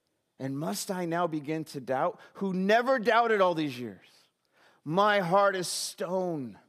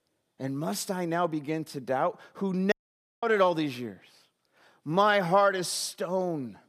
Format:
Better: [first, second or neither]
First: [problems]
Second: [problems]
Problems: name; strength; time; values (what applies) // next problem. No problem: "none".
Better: first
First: none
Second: audio cutting out; at 2.5 s for 0.5 s